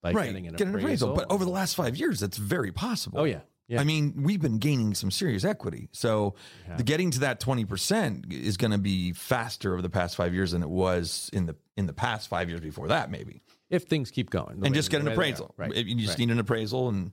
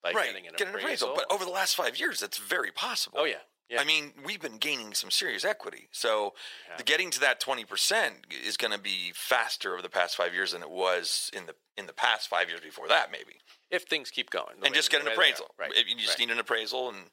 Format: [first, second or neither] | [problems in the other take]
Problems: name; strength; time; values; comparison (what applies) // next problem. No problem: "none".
first | thin; very; fading below 500 Hz